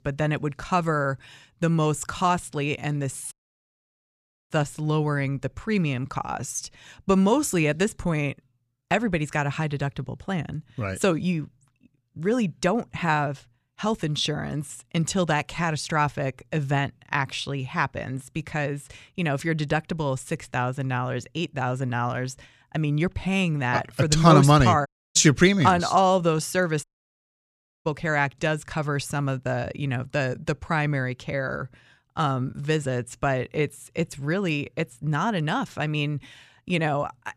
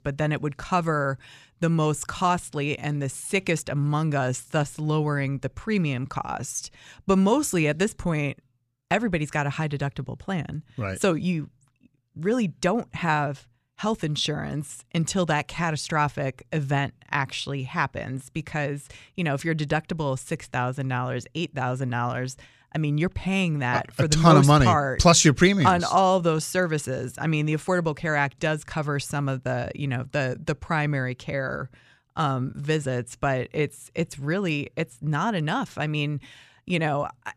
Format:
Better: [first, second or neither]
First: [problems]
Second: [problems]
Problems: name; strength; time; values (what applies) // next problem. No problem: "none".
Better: second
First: audio cutting out; at 3.5 s for 1 s, at 25 s and at 27 s for 1 s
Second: none